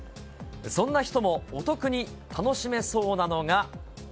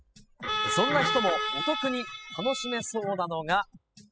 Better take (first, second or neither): first